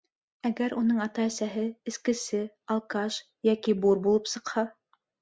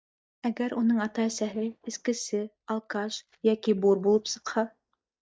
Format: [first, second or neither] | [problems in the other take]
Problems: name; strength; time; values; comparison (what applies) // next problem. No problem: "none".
first | noise reduction (neural mask model DeepFilterNet 3)